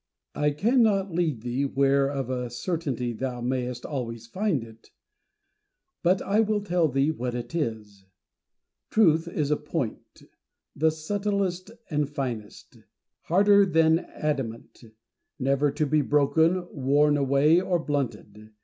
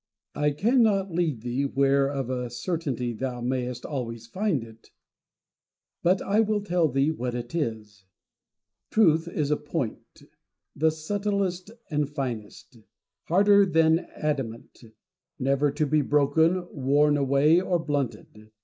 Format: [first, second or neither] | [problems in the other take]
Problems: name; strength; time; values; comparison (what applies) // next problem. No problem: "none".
first | noise reduction (neural mask model Resemble Enhance denoiser)